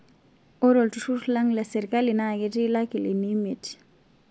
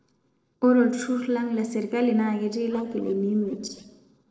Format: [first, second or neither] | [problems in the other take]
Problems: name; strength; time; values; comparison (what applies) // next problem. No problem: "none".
first | noise reduction (neural separator model SepFormer DNS4)